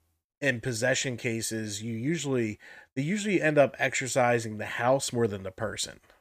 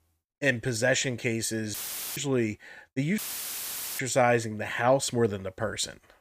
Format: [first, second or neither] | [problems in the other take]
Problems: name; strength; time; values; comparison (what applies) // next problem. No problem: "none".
first | audio cutting out; filled with static; at 1.5 s and at 3 s for 1 s